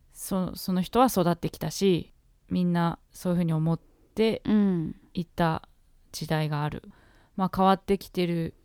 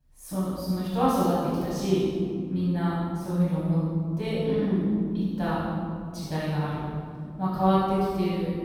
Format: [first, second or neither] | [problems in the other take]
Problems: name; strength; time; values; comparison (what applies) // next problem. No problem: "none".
first | off-mic speech; far // room echo; strong; dies away in 2.5 s